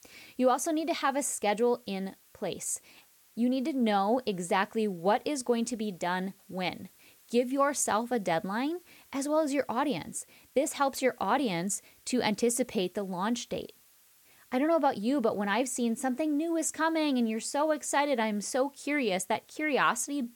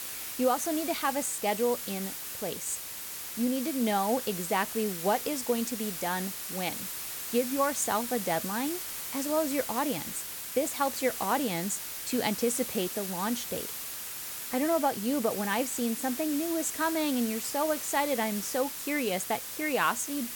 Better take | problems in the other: first | hiss; loud; throughout; 5 dB below the speech; faint in the first

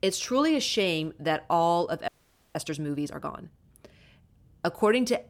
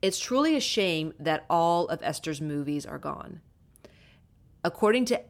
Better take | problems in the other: second | audio freezing; at 2 s

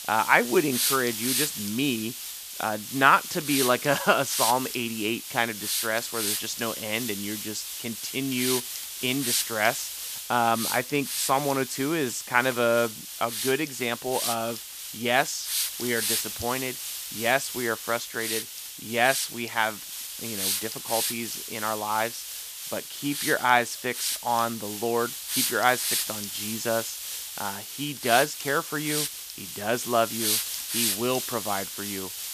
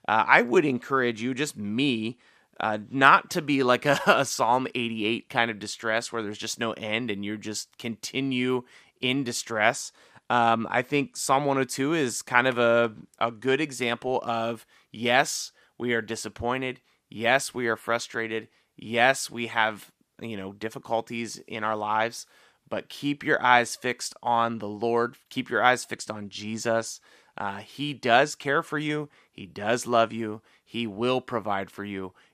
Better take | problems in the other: second | hiss; loud; throughout; 3 dB below the speech

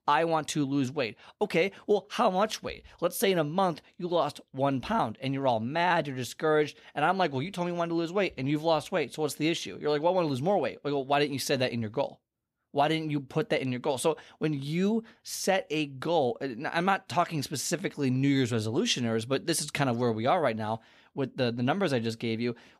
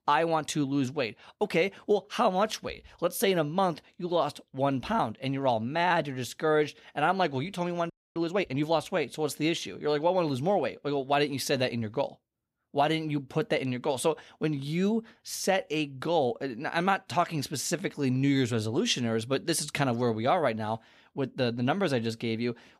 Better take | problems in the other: first | audio freezing; at 8 s

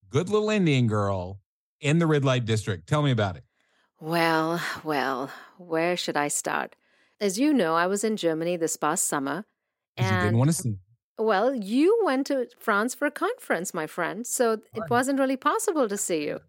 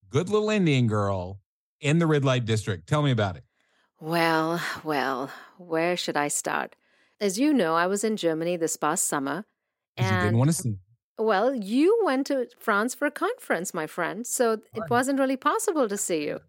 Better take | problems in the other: neither | none

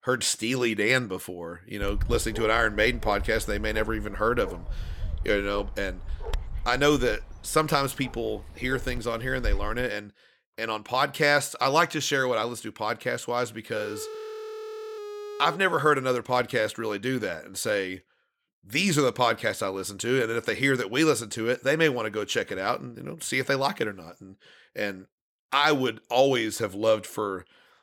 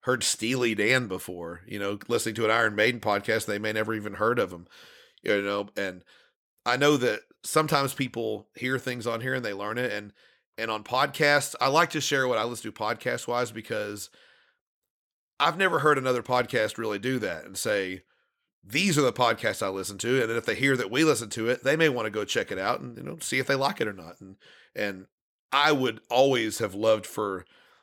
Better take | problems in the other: second | dog barking; noticeable; from 2 to 10 s; peak 7 dB below the speech // phone ringing; faint; from 14 to 16 s; peak 10 dB below the speech

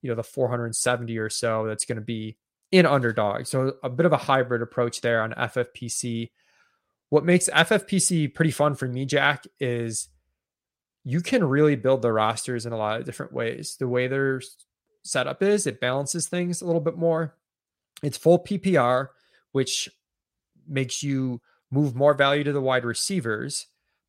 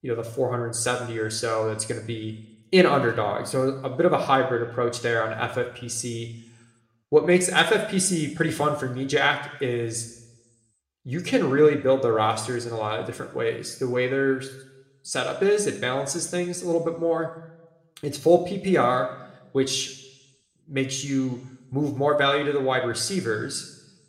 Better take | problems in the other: first | room echo; slight; dies away in 0.8 s

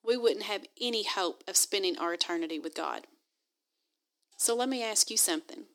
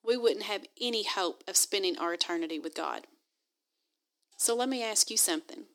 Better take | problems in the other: neither | thin; somewhat; fading below 300 Hz; the same in both

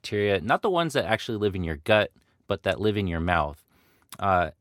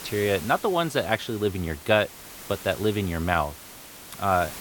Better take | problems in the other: first | hiss; noticeable; throughout; 15 dB below the speech

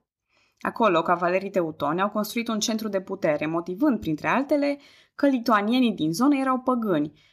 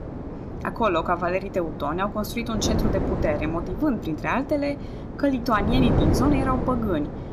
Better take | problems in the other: first | wind noise on the microphone; heavy; 7 dB below the speech

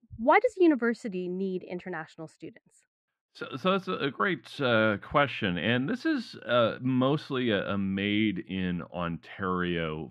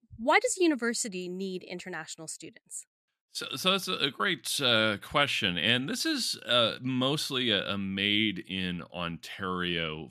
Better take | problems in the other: second | muffled; very; fading above 3.5 kHz

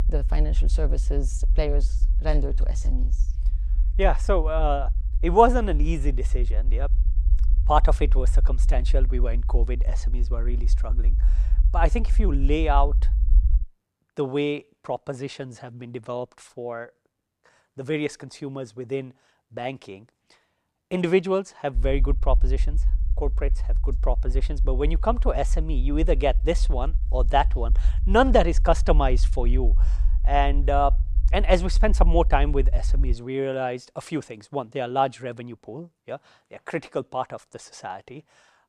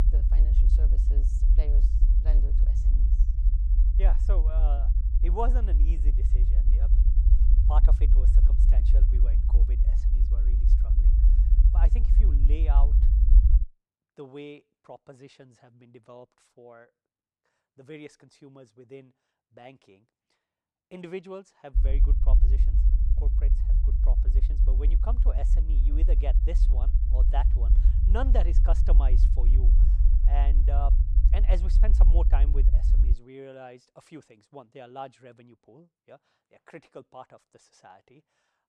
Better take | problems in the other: first | low rumble; loud; until 14 s and from 22 to 33 s; 5 dB below the speech; faint in the first

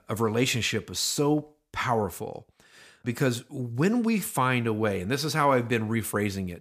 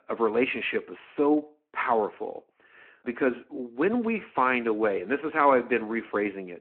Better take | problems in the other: first | phone-call audio

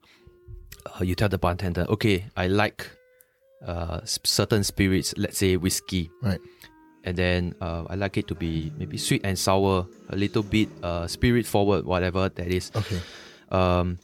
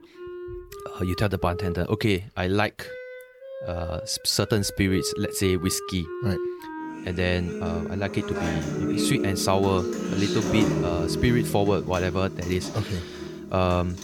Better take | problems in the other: first | background music; loud; throughout; 6 dB below the speech; faint in the first

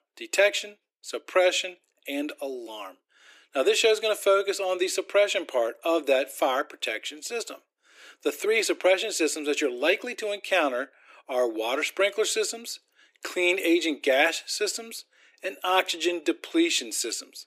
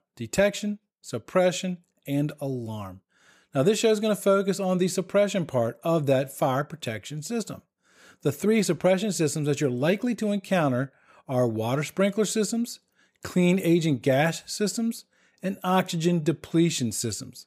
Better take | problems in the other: second | thin; very; fading below 300 Hz

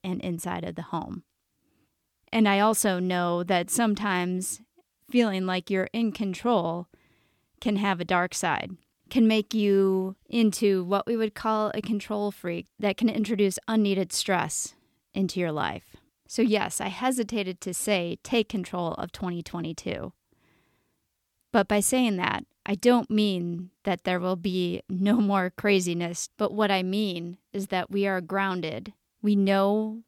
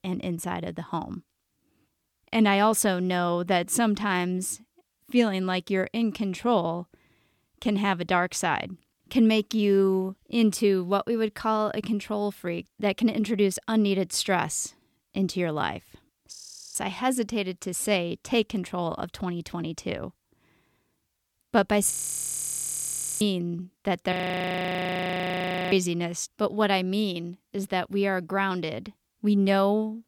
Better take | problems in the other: first | audio freezing; at 16 s, at 22 s for 1.5 s and at 24 s for 1.5 s

